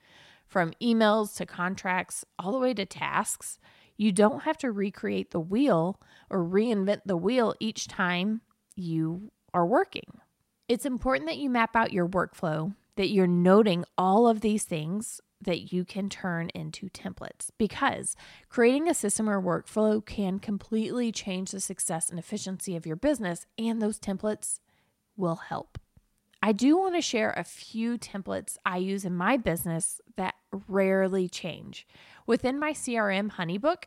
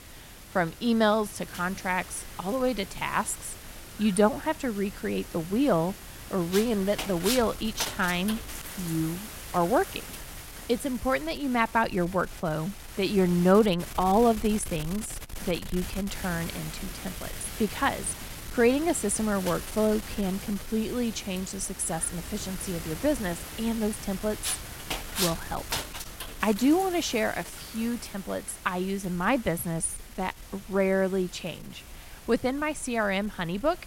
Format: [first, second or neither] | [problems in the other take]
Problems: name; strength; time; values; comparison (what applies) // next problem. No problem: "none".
first | wind noise on the microphone; occasional gusts; 10 dB below the speech